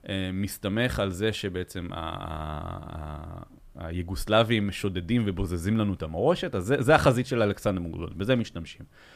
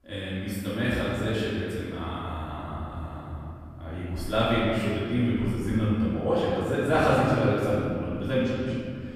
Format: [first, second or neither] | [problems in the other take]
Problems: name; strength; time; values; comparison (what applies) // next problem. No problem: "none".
first | off-mic speech; far // room echo; strong; dies away in 2.1 s